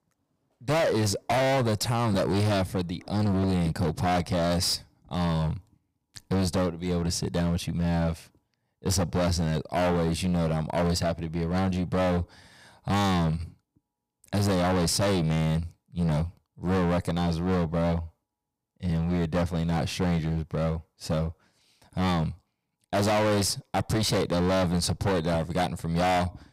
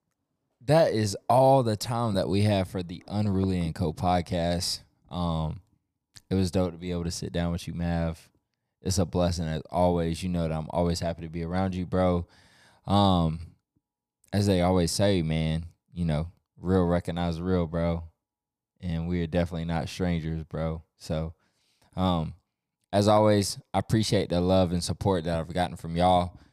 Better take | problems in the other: second | distortion; heavy; 20% of the sound clipped

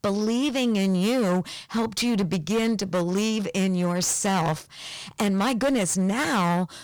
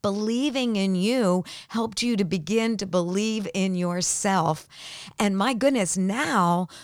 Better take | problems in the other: second | distortion; slight; 18% of the sound clipped

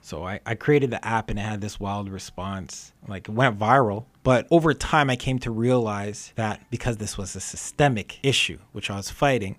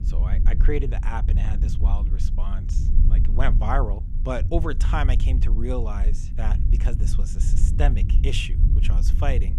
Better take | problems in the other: first | low rumble; loud; throughout; 9 dB below the speech

